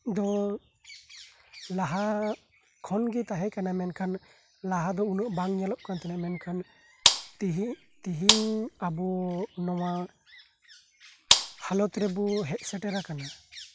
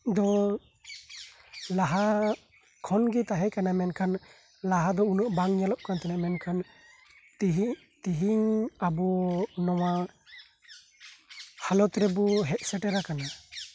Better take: second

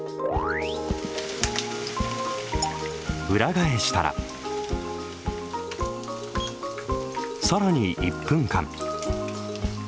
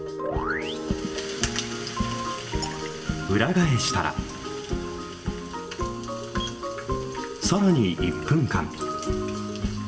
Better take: first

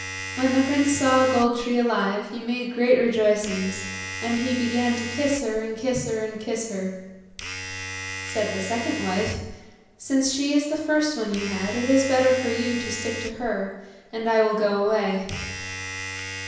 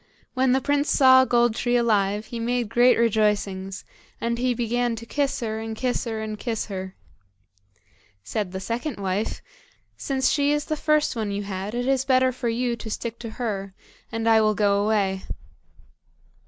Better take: second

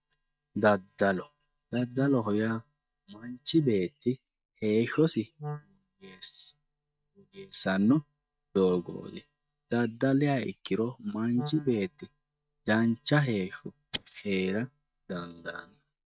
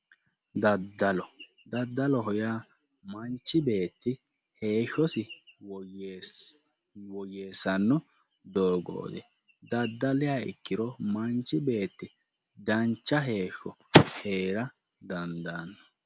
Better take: second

